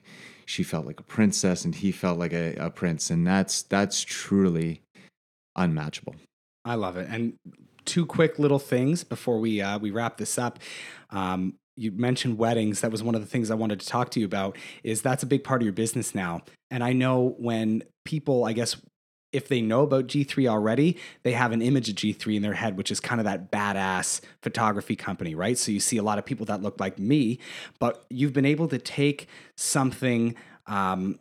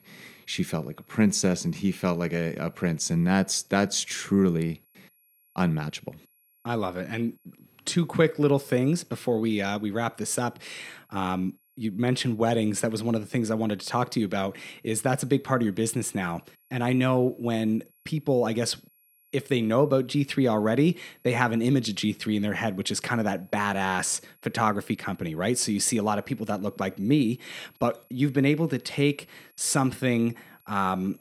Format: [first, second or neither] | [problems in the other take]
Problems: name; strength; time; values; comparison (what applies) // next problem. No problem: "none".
first | high-pitched whine; faint; throughout; 11.5 kHz, 35 dB below the speech